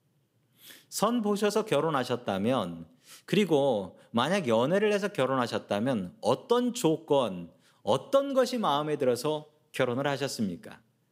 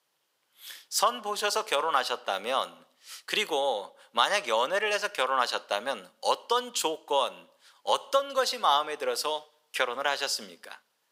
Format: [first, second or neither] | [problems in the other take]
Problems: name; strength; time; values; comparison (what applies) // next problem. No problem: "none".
first | thin; very; fading below 900 Hz